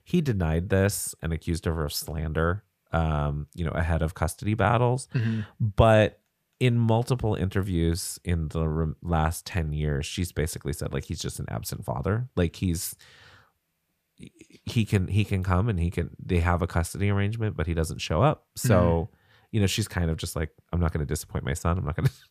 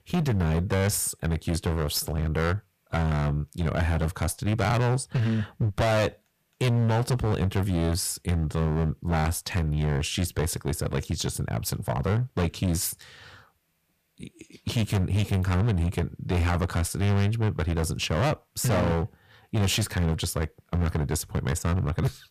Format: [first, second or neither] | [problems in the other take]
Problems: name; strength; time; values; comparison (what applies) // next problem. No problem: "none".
first | distortion; heavy; 19% of the sound clipped